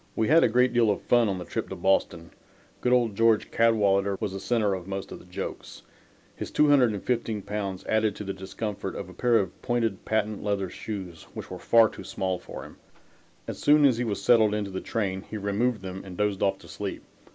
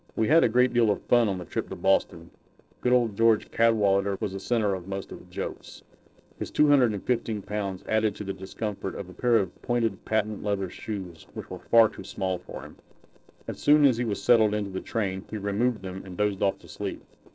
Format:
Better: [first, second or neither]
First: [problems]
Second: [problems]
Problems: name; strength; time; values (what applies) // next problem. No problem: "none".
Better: first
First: none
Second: noise reduction (neural separator model SepFormer DNS4)